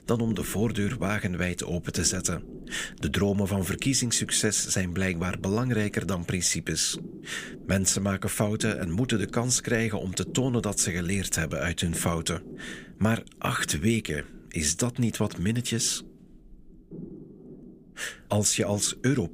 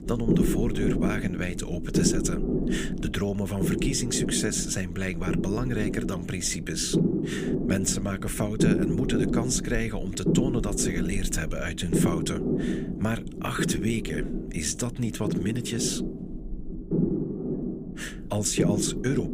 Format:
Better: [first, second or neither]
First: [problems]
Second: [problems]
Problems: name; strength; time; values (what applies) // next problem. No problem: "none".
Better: first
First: low rumble; faint; throughout; 20 dB below the speech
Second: low rumble; loud; throughout; 2 dB below the speech